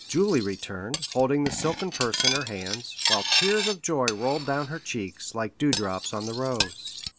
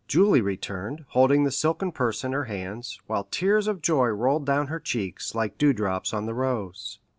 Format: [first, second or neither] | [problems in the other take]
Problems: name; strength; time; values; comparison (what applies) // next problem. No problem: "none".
second | background sound (Cutlery, silverware); 3 dB below the speech